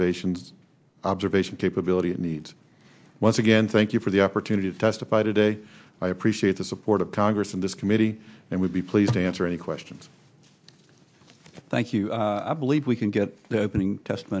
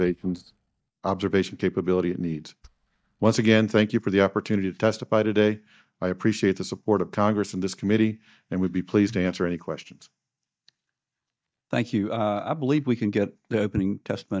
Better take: first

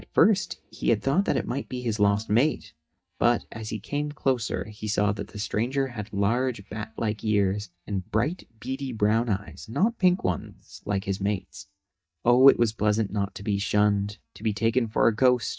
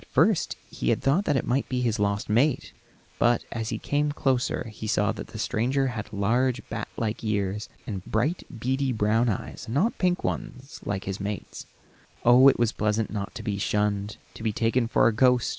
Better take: second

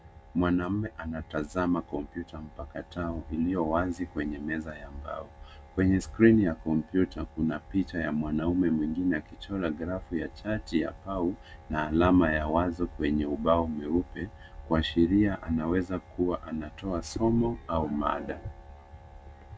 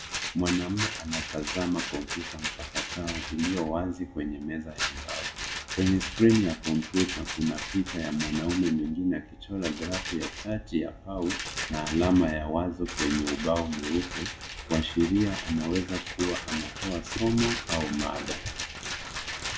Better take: first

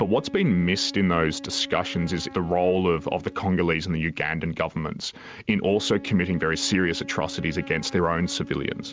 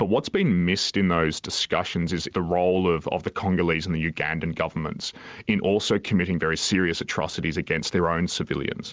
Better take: second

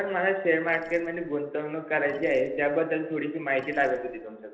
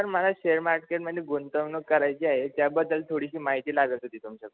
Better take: second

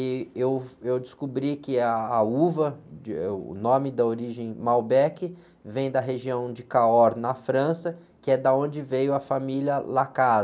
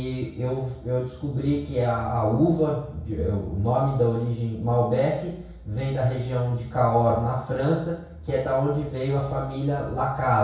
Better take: first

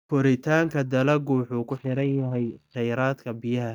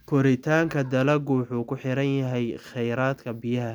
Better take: second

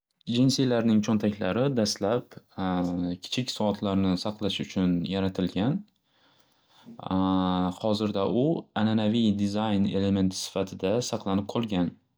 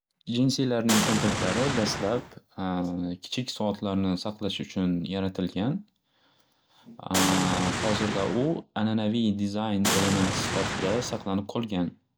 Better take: first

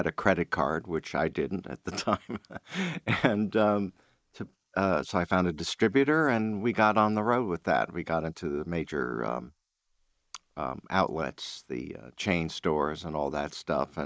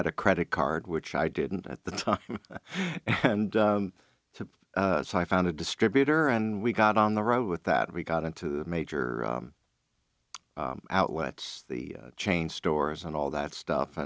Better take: second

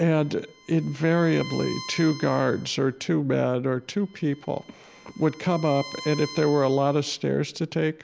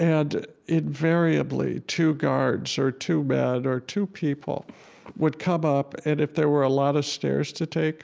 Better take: second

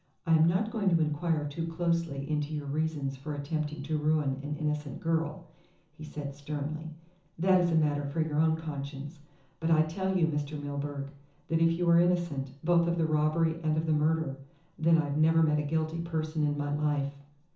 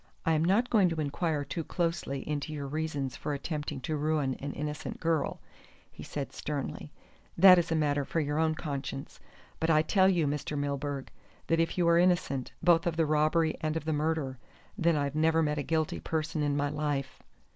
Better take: second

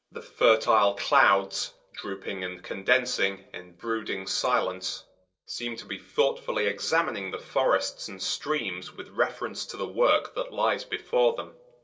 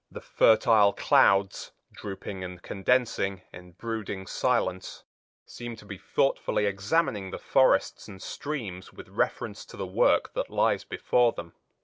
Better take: second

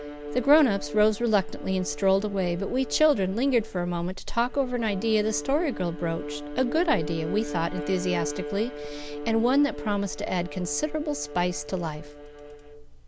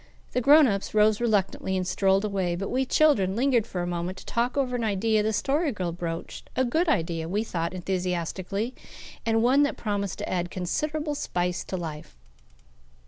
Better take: second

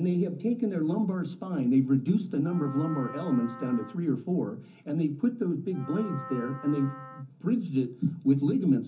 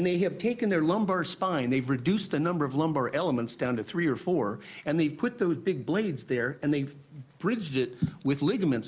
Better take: second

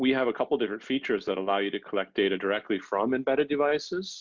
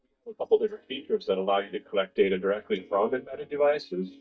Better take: first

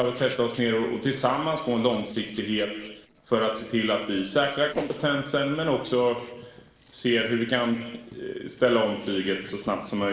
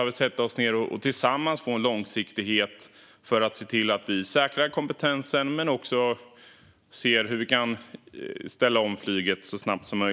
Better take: second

